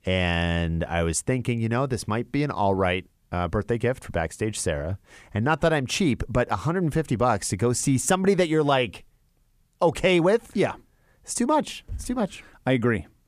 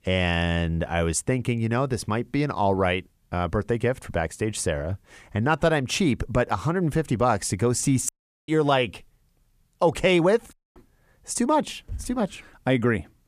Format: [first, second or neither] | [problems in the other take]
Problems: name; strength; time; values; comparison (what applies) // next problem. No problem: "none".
first | audio cutting out; at 8 s and at 11 s